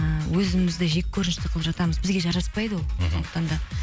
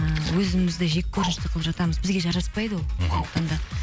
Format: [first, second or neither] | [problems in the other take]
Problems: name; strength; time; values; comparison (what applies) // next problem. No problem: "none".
first | background sound (Bark + Splash, splatter); 13 dB below the speech